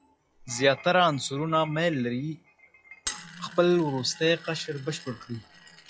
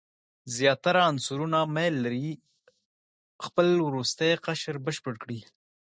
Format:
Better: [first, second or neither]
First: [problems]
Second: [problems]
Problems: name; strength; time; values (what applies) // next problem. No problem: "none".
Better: second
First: noise reduction (classical method log-MMSE)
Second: none